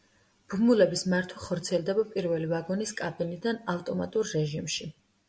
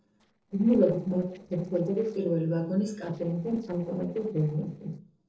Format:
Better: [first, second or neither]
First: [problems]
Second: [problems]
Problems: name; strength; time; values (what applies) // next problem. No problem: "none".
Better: first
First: none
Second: noise reduction (neural separator model SepFormer DNS4)